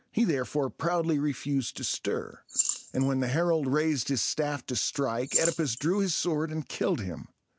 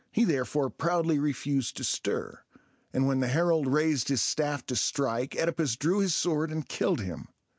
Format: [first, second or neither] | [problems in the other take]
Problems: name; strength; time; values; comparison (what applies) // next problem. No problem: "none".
second | background sound (Rattle / Keys jangling); 7 dB below the speech